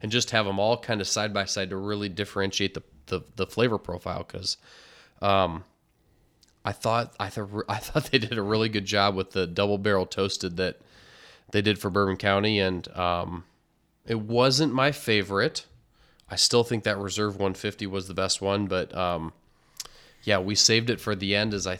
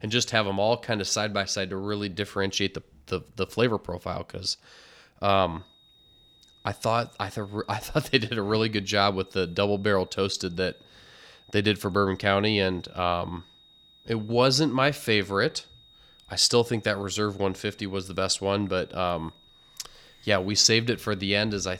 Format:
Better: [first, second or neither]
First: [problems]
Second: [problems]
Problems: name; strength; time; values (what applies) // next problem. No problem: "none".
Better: first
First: none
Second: high-pitched whine; faint; from 5.5 s on; 3.5 kHz, 30 dB below the speech